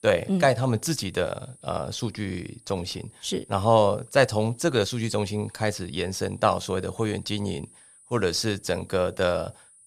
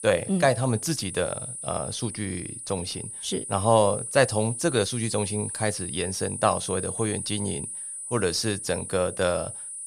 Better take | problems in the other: first | high-pitched whine; loud; throughout; 9.5 kHz, 7 dB below the speech; faint in the first

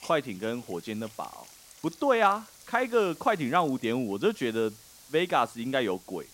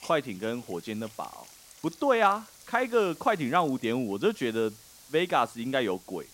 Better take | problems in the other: neither | hiss; faint; throughout; 20 dB below the speech; the same in both

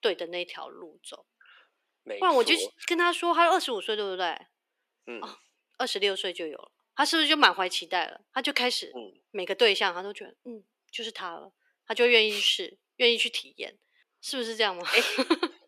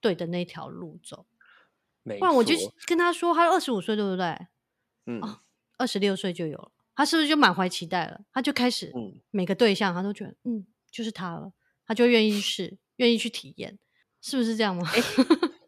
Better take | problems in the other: second | thin; somewhat; fading below 350 Hz

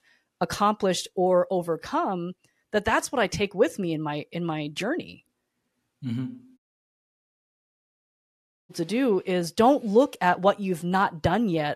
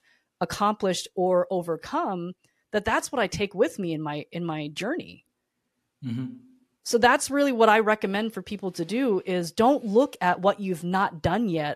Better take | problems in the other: second | audio cutting out; at 6.5 s for 2 s

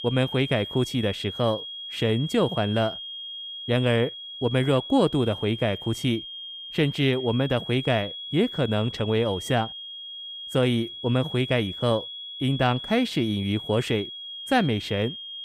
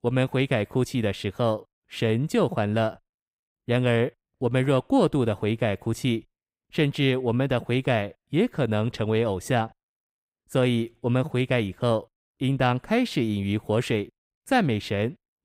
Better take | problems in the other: second | high-pitched whine; loud; throughout; 3.5 kHz, 9 dB below the speech

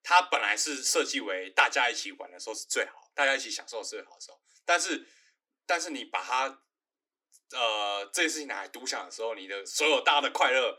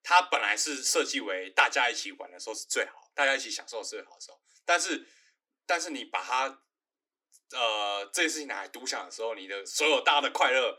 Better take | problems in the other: neither | thin; very slightly; fading below 300 Hz; the same in both

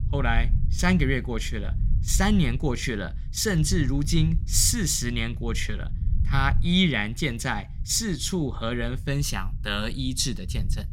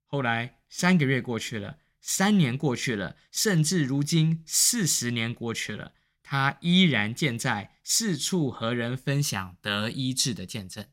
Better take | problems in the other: second | low rumble; noticeable; throughout; 20 dB below the speech

